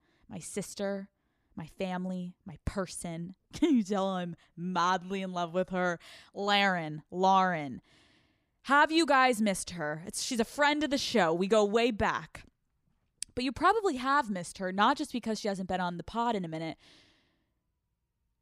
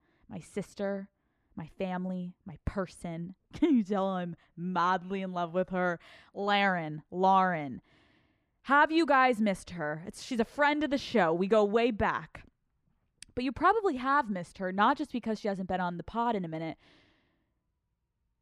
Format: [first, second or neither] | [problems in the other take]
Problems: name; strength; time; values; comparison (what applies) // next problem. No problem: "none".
first | muffled; slightly; fading above 3.5 kHz